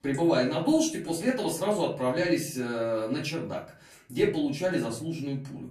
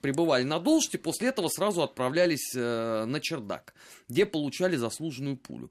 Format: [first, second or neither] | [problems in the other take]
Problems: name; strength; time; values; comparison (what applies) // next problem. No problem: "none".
second | off-mic speech; far // room echo; slight; dies away in 0.4 s